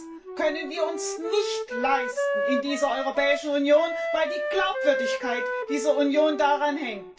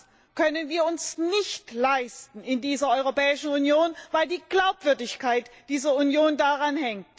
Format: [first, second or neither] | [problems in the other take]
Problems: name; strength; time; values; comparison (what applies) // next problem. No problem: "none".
second | background sound (Wind instrument, woodwind instrument); 5 dB below the speech // room echo; dies away in 0.2 s